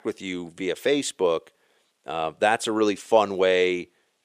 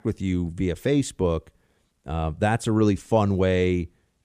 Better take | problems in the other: second | thin; somewhat; fading below 450 Hz

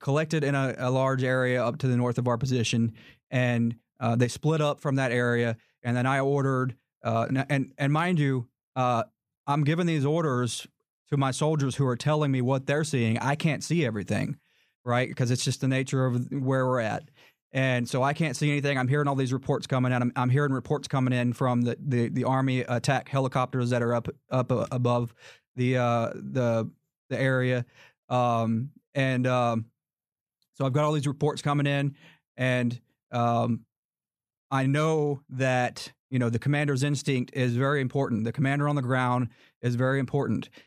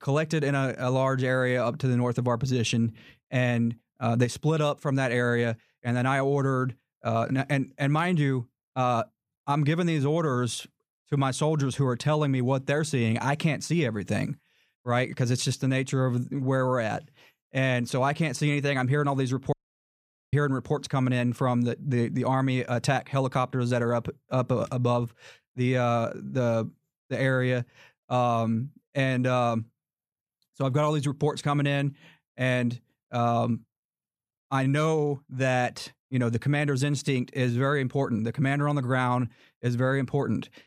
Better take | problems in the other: first | audio cutting out; at 20 s for 1 s

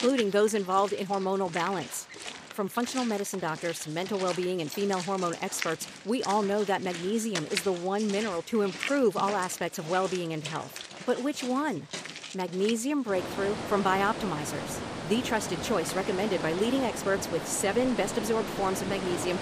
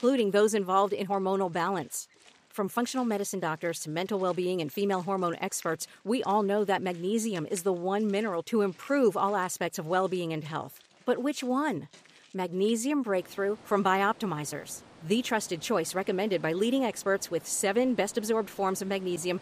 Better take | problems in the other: second | rain or running water; loud; throughout; 8 dB below the speech; faint in the second

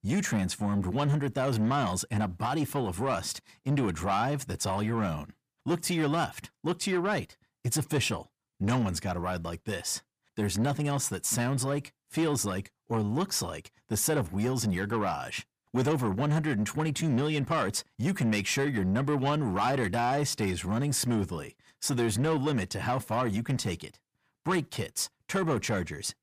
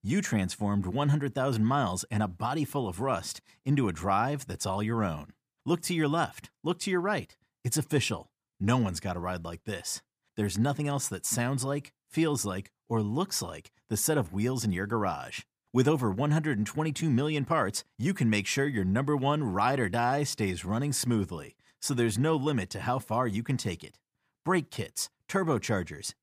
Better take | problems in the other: second | distortion; slight; 10 dB below the speech

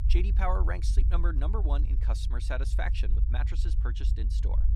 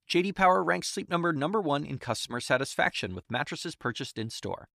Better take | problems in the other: second | low rumble; noticeable; throughout; 10 dB below the speech

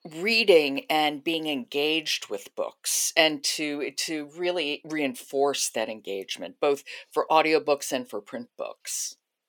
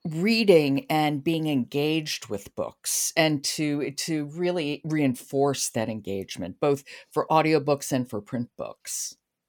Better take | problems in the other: second | thin; somewhat; fading below 450 Hz

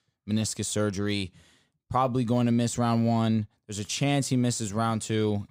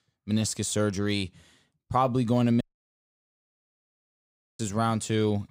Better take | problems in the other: first | audio cutting out; at 2.5 s for 2 s

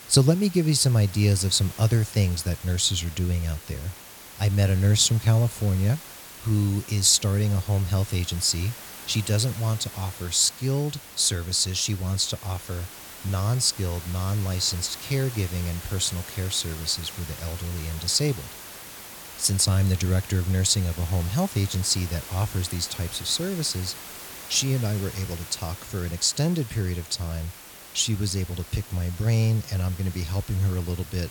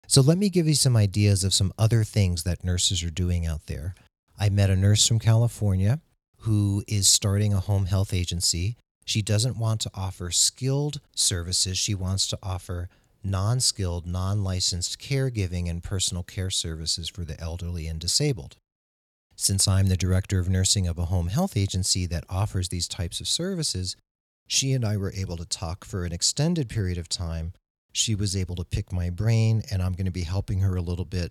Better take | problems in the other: second | hiss; noticeable; throughout; 15 dB below the speech

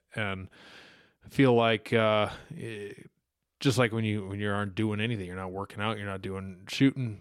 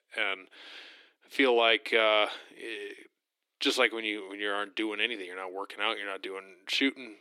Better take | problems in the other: first | thin; somewhat; fading below 300 Hz

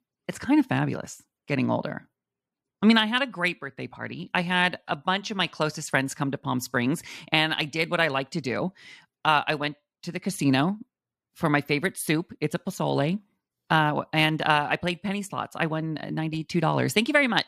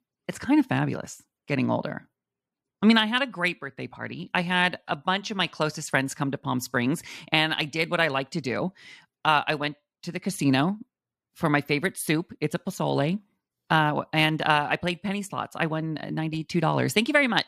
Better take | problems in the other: neither | none

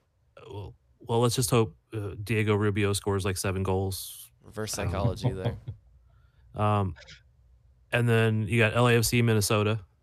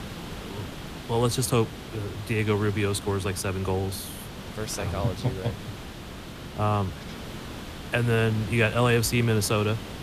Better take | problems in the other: first | hiss; noticeable; throughout; 10 dB below the speech

